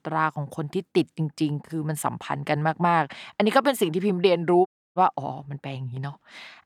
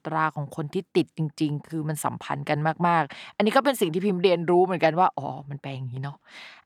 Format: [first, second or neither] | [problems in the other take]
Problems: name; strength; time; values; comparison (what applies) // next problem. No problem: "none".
second | audio cutting out; at 4.5 s